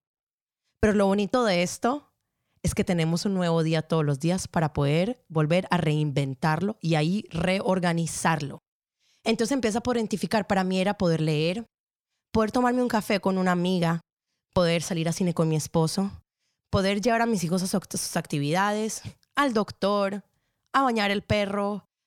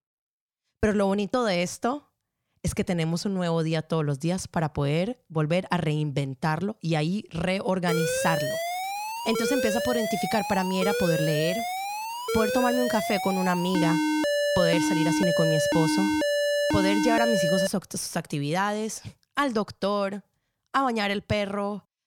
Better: first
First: none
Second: alarm; loud; from 8 to 18 s; peak 3 dB above the speech

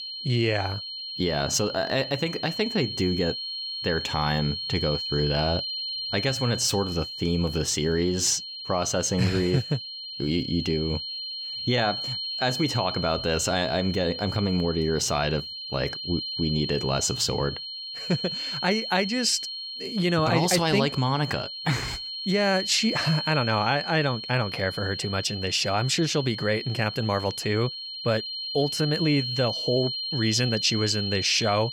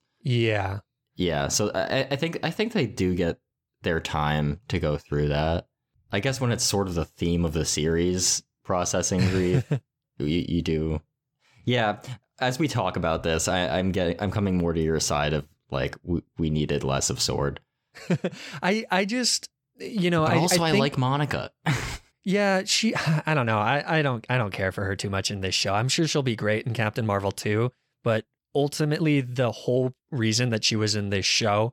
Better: second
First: high-pitched whine; loud; throughout; 4 kHz, 5 dB below the speech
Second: none

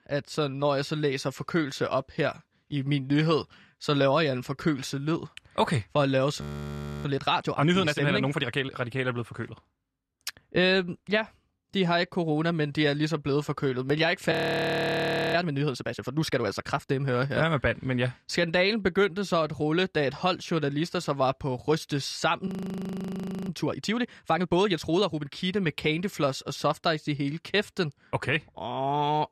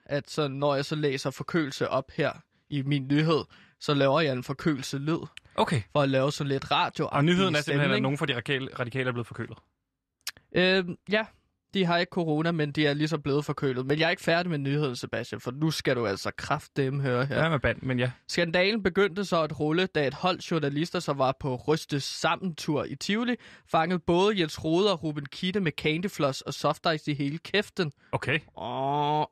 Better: second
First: audio freezing; at 6.5 s for 0.5 s, at 14 s for 1 s and at 22 s for 1 s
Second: none

